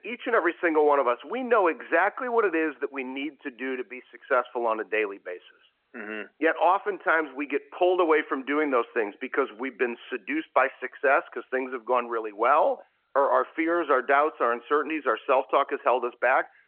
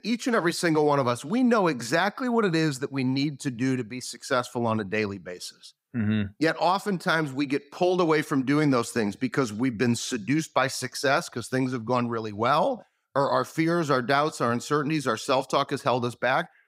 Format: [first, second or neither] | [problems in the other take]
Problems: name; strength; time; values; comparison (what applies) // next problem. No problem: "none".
second | phone-call audio